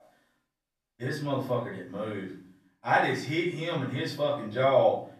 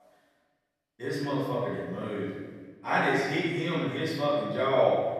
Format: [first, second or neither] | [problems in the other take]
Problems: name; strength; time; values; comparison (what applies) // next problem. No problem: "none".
first | room echo; strong; dies away in 1.4 s; slight in the first // off-mic speech; far; far in the first